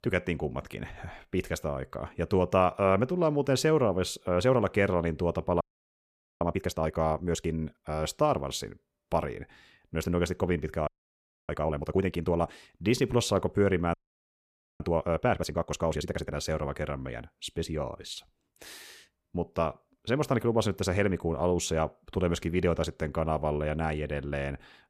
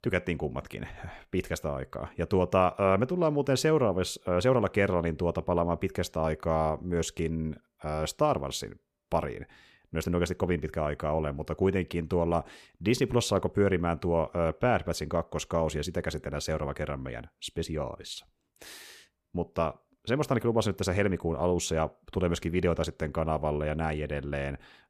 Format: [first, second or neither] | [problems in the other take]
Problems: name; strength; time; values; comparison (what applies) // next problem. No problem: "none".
second | audio freezing; at 5.5 s for 1 s, at 11 s for 0.5 s and at 14 s for 1 s